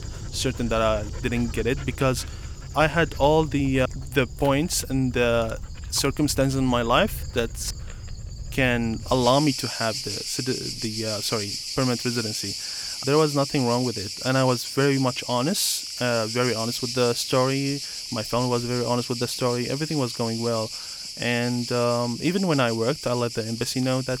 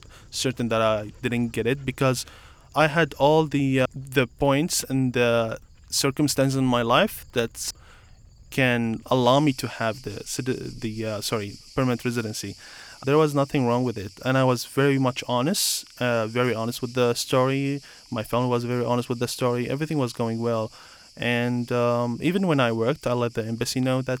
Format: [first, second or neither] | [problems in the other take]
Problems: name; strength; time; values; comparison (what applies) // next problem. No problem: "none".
second | animal sounds; loud; throughout; 7 dB below the speech; faint in the second